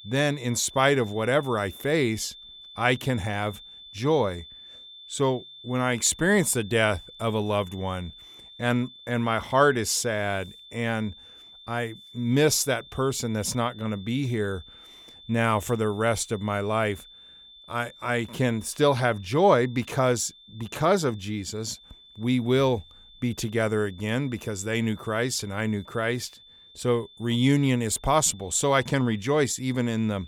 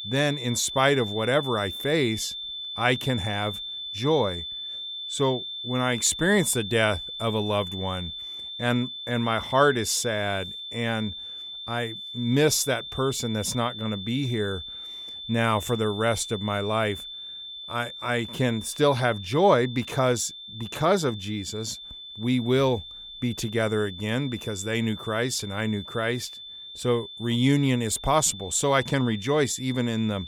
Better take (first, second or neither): first